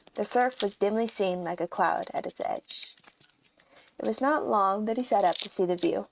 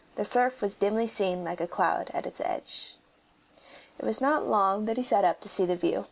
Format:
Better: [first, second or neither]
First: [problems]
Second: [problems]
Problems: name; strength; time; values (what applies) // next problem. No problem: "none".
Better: second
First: noise reduction (neural mask model RNNoise)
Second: none